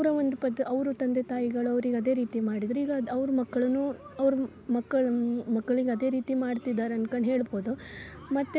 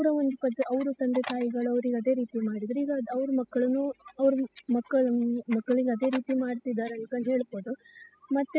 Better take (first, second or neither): first